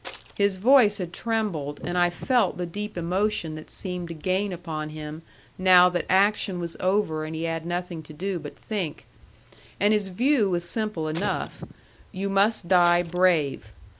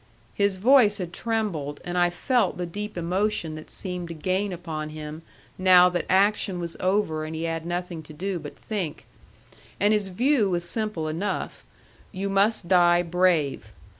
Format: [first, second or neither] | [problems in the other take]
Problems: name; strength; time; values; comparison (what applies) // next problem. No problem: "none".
second | background sound (Wind + Shatter); 14 dB below the speech